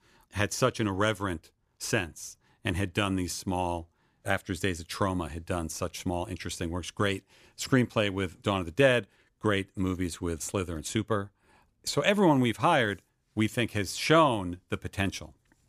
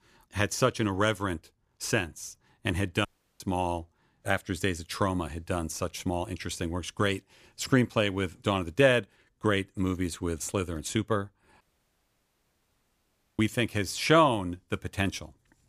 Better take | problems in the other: first | audio cutting out; at 3 s and at 12 s for 2 s

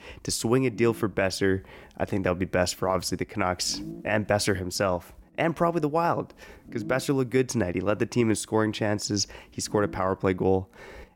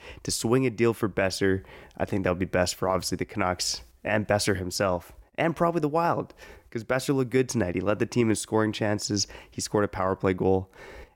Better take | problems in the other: second | low rumble; faint; throughout; 20 dB below the speech

